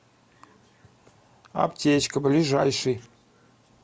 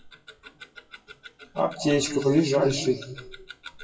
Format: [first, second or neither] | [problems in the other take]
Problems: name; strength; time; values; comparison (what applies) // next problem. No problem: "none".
first | noise reduction (classical method WPE with log-MMSE)